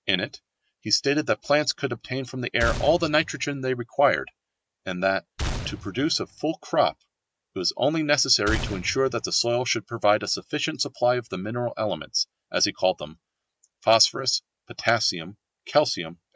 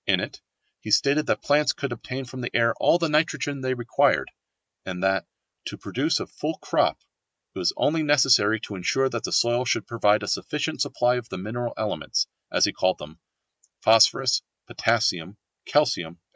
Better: second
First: background sound (Gunshot, gunfire); 7 dB below the speech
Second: none

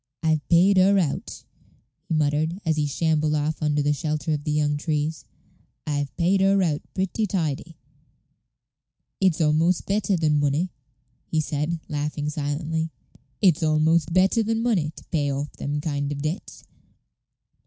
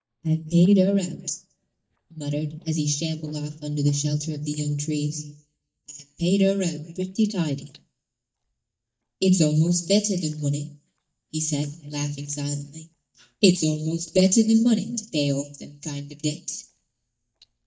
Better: first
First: none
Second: noise reduction (neural mask model DeepFilterNet 3)

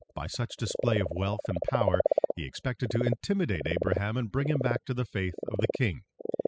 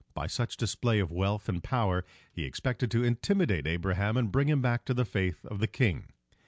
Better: second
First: noise reduction (classical method spectral subtraction)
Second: none

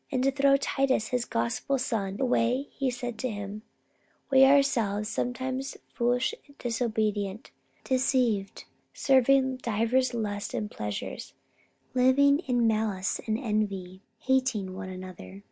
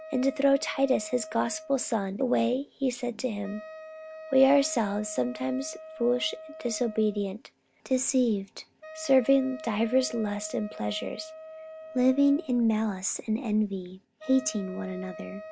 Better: first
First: none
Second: background sound (Wind instrument, woodwind instrument); 16 dB below the speech

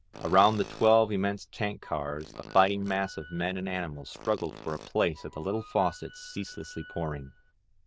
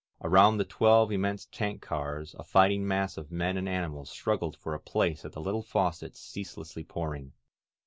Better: second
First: noise reduction (neural diffusion model UNIVERSE++)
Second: none

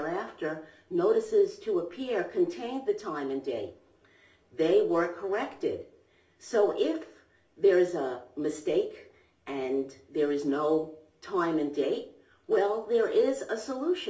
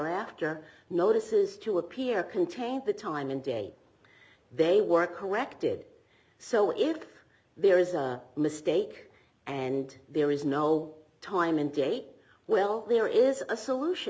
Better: second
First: room echo; dies away in 0.3 s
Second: none

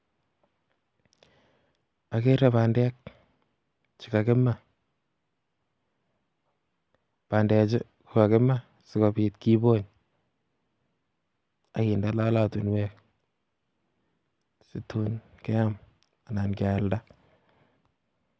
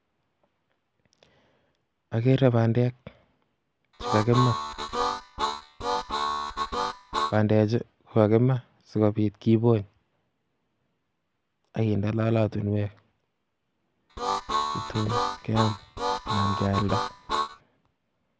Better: first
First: none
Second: background sound (Harmonica); 2 dB below the speech

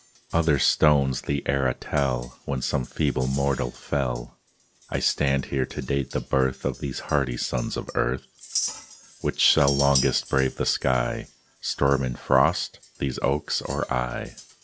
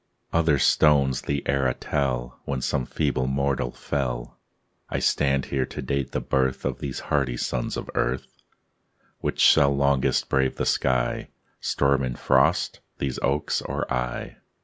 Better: second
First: background sound (Chink, clink); 15 dB below the speech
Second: none

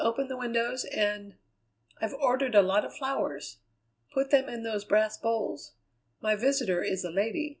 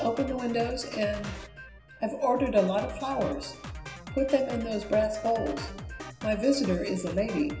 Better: first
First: none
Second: background sound (Drum kit); 12 dB below the speech // room echo; dies away in 0.9 s

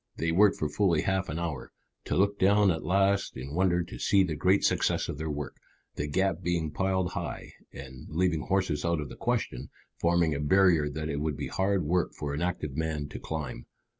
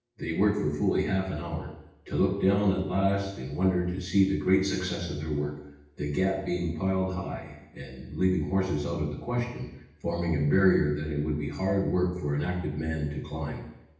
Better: first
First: none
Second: room echo; dies away in 0.9 s

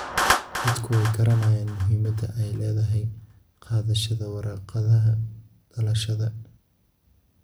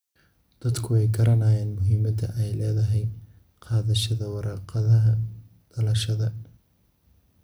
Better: second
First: background sound (Clapping); 9 dB below the speech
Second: none

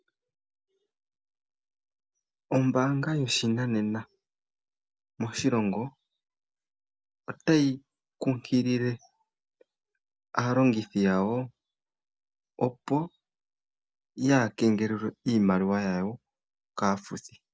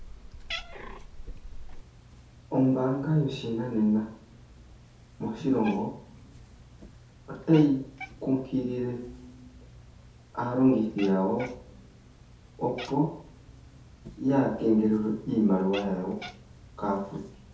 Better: first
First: none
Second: background sound (Cat); 17 dB below the speech // room echo; dies away in 0.6 s

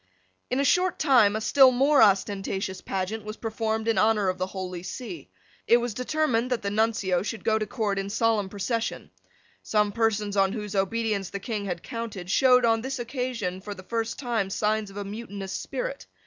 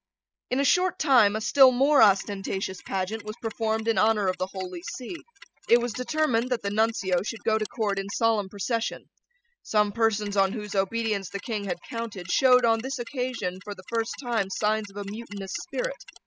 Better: first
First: none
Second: noise reduction (classical method spectral subtraction)

